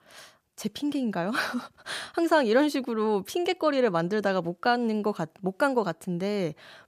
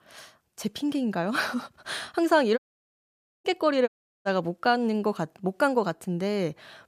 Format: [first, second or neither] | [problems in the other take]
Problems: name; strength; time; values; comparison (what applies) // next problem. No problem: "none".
first | audio cutting out; at 2.5 s for 1 s and at 4 s